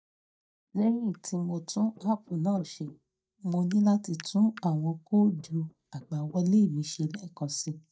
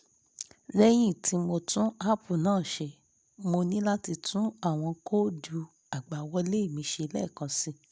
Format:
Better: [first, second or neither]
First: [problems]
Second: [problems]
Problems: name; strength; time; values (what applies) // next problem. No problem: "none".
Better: second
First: noise reduction (neural mask model DeepFilterNet 3)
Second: none